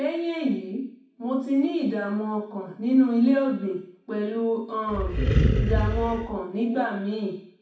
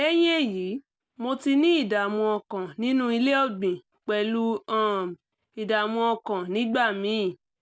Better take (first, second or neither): second